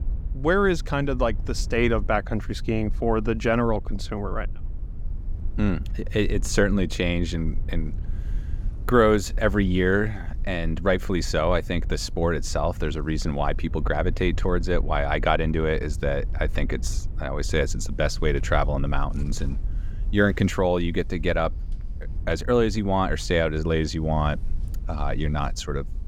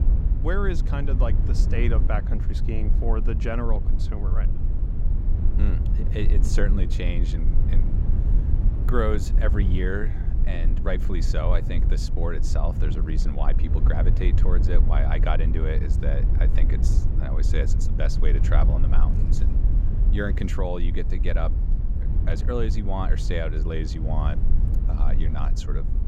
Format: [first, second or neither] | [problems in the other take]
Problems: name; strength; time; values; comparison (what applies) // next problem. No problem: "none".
first | low rumble; loud; throughout; 8 dB below the speech; faint in the first